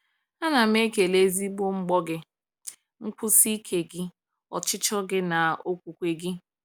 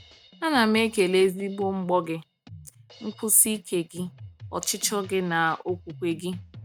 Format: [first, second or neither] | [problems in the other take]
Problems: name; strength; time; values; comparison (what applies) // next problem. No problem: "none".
first | noise reduction (neural mask model RNNoise)